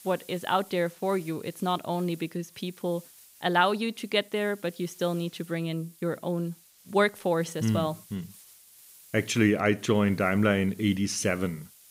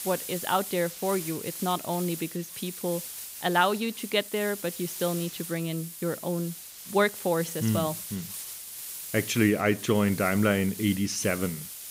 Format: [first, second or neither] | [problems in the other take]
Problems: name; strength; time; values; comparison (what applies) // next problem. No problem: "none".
first | hiss; loud; throughout; 9 dB below the speech; faint in the first